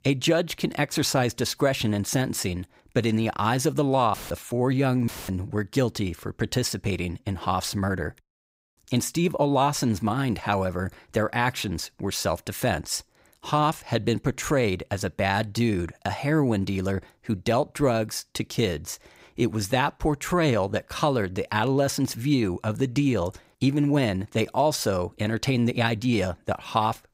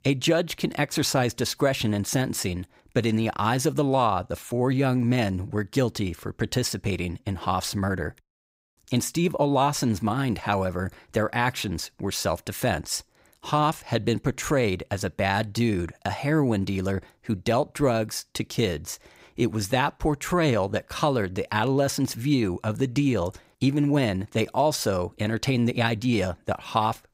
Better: second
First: audio cutting out; filled with static; at 4 s and at 5 s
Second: none

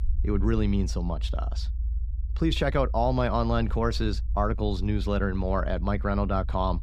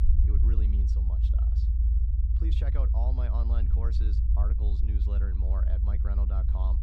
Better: first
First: low rumble; faint; throughout; 25 dB below the speech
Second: low rumble; loud; throughout; as loud as the speech

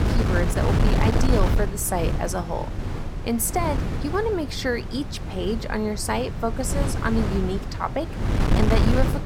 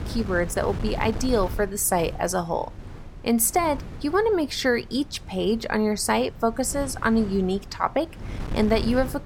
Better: second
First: wind noise on the microphone; heavy; 4 dB below the speech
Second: wind noise on the microphone; occasional gusts; 20 dB below the speech

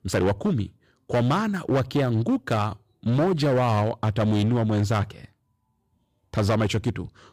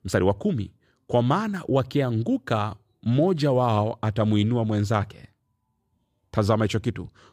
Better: second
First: distortion; slight; 11% of the sound clipped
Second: none

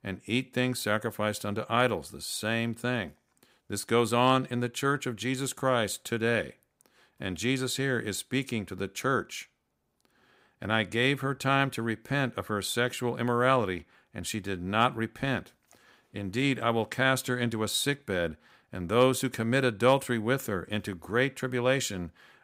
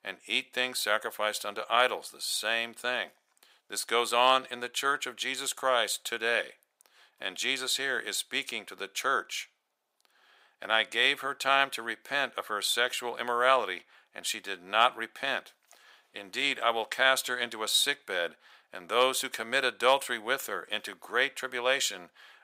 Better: first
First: none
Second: thin; very; fading below 650 Hz

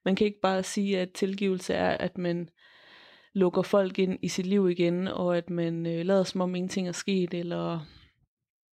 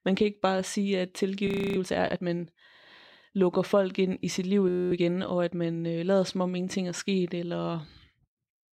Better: first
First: none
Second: audio freezing; at 1.5 s and at 4.5 s

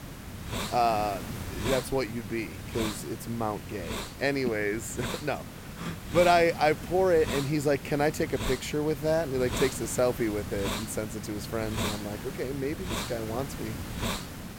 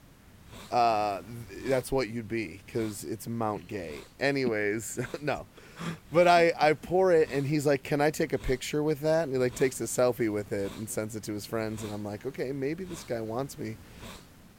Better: second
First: hiss; loud; throughout; 7 dB below the speech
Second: hiss; faint; throughout; 20 dB below the speech

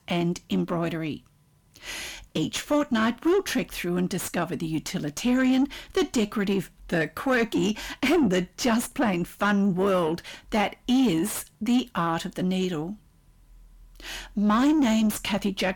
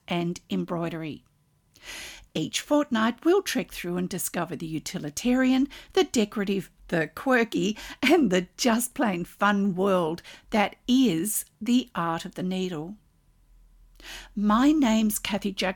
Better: second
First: distortion; slight; 10 dB below the speech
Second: none

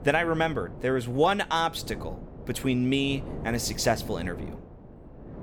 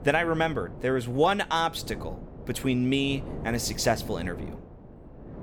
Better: neither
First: wind noise on the microphone; occasional gusts; 20 dB below the speech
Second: wind noise on the microphone; occasional gusts; 20 dB below the speech

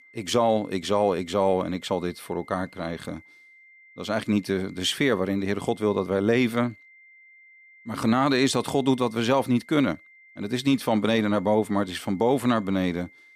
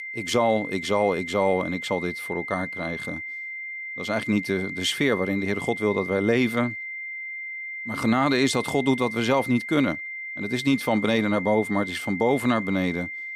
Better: first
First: high-pitched whine; faint; throughout; 2 kHz, 25 dB below the speech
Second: high-pitched whine; loud; throughout; 2 kHz, 7 dB below the speech

